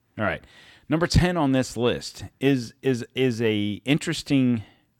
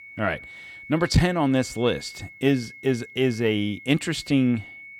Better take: first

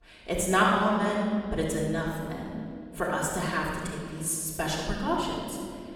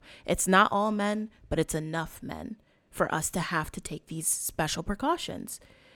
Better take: second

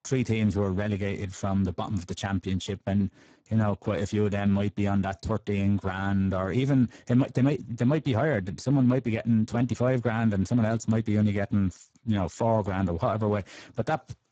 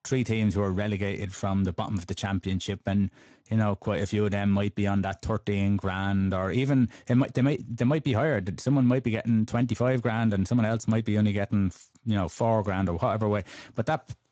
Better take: second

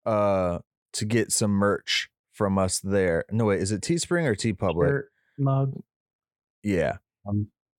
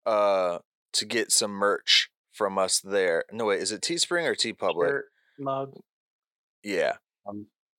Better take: first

